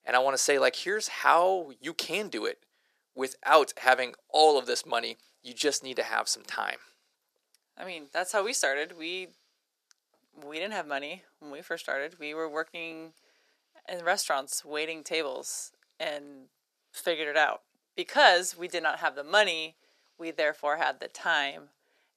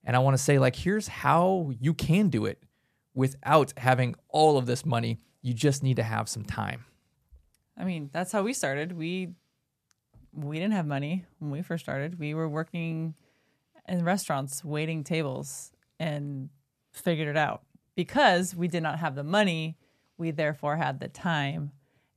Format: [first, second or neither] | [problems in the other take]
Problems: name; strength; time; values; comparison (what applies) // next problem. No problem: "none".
second | thin; very; fading below 350 Hz